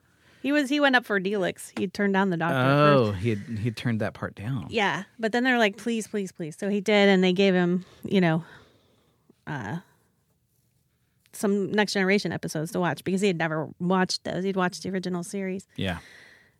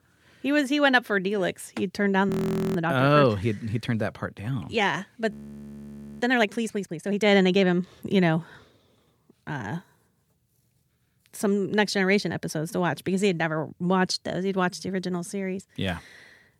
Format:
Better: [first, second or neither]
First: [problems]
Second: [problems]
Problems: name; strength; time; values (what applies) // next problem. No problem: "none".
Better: first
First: none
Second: audio freezing; at 2.5 s and at 5.5 s for 1 s